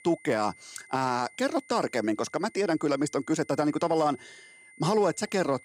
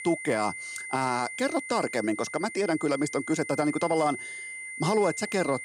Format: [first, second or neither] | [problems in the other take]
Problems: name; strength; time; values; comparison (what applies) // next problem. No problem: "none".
first | high-pitched whine; loud; throughout; 2 kHz, 9 dB below the speech; faint in the first